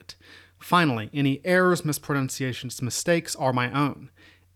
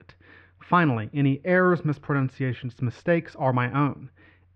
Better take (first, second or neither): first